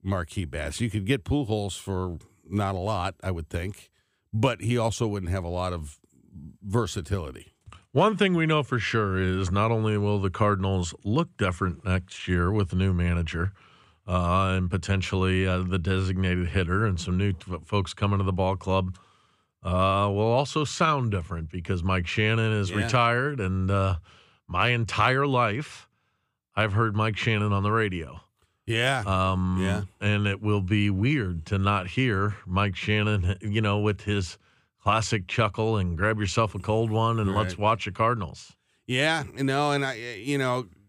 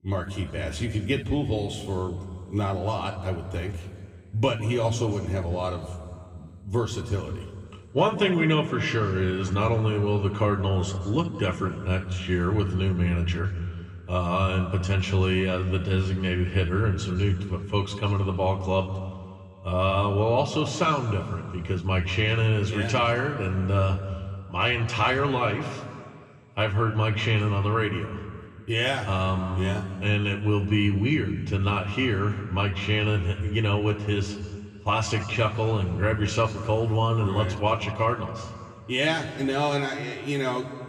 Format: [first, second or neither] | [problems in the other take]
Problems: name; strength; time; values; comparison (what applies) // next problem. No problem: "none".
first | room echo; slight; dies away in 2.2 s // off-mic speech; somewhat distant